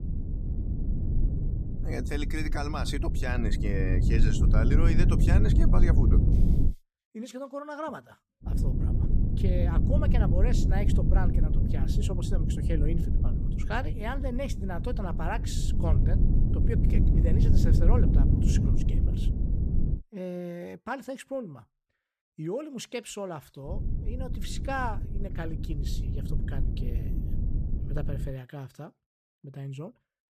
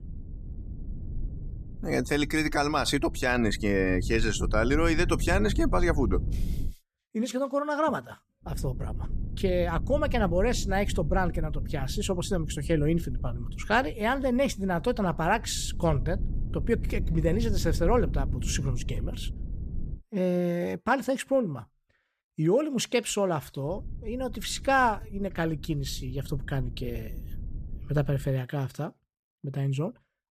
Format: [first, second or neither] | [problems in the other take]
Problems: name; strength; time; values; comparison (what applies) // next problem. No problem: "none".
second | low rumble; loud; until 6.5 s, from 8.5 to 20 s and from 24 to 28 s; 3 dB below the speech; faint in the second